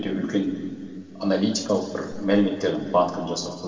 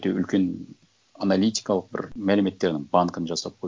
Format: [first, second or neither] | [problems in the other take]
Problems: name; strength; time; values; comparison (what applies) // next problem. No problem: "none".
second | room echo; dies away in 2.4 s